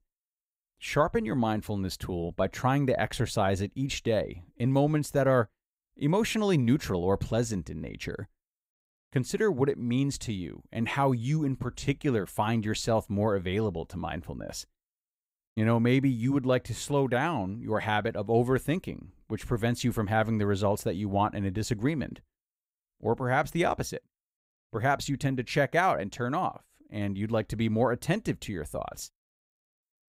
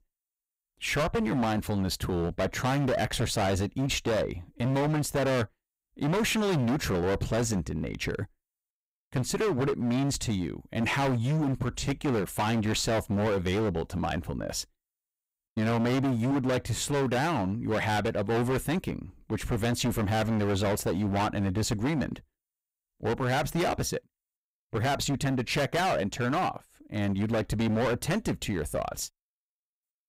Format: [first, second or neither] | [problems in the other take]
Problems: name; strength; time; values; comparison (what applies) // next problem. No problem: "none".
first | distortion; heavy; 22% of the sound clipped